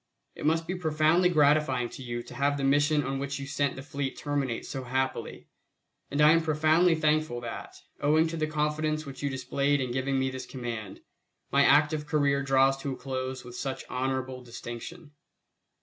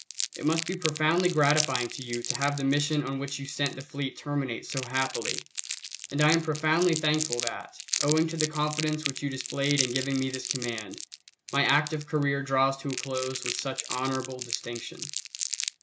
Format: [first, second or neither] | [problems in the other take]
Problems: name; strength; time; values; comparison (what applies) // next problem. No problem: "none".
first | background sound (Crumpling, crinkling); 7 dB below the speech